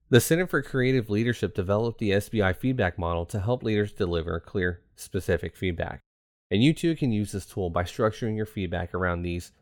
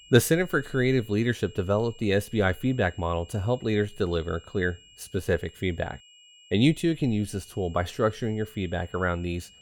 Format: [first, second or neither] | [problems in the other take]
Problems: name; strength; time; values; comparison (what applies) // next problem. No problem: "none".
first | high-pitched whine; faint; throughout; 3 kHz, 25 dB below the speech